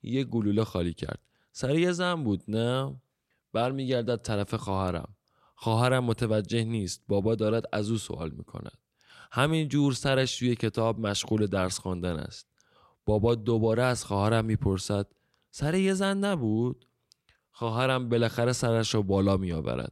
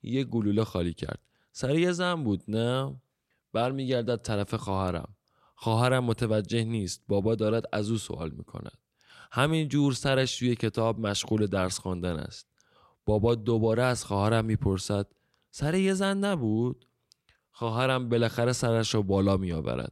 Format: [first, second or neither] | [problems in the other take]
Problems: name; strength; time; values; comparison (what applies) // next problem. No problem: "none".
neither | none